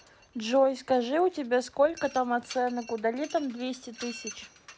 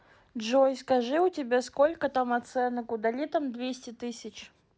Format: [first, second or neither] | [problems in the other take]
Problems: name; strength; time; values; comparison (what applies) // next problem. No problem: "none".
second | background sound (Mechanisms); 20 dB below the speech